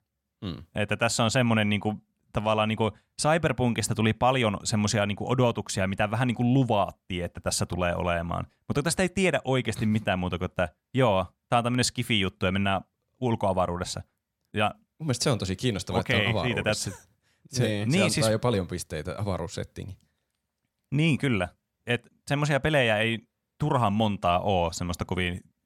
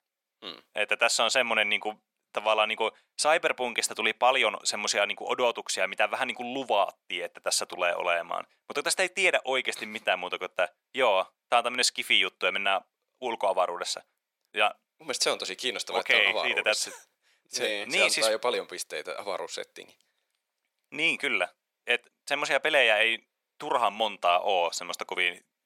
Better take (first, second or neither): first